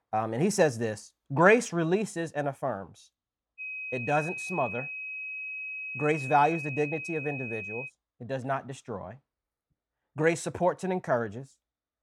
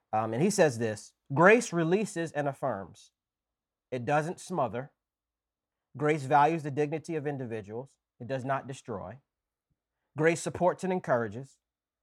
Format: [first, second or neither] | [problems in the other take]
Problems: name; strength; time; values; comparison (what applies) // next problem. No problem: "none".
second | high-pitched whine; loud; from 3.5 to 8 s; 2.5 kHz, 7 dB below the speech